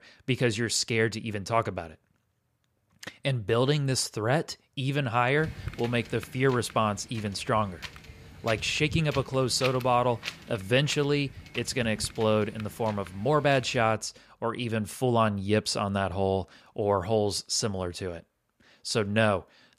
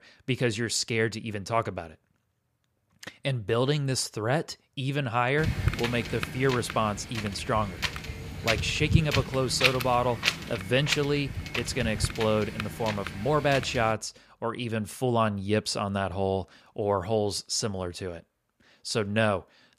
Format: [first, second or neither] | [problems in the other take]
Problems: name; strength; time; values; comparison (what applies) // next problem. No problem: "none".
first | wind noise on the microphone; heavy; from 5.5 to 14 s; 3 dB below the speech; occasional gusts in the first